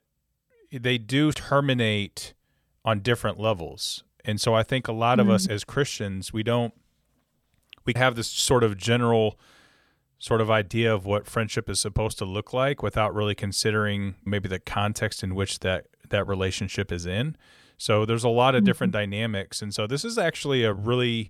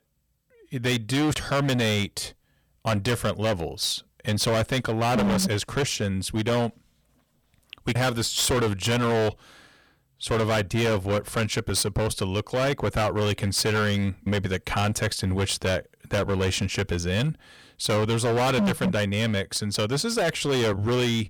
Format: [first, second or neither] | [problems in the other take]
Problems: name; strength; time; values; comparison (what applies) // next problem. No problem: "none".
first | distortion; heavy; 19% of the sound clipped